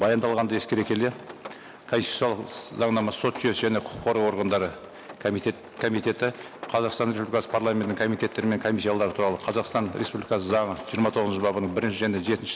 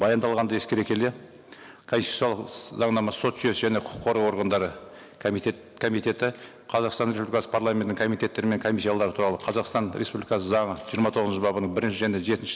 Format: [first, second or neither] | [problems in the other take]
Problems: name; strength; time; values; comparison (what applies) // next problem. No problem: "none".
second | background sound (Rain); 18 dB below the speech